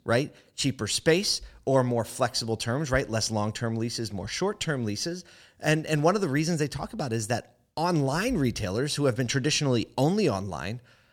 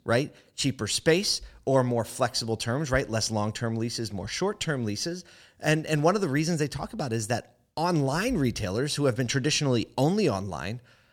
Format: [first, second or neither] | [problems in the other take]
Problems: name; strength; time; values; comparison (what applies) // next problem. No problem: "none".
neither | none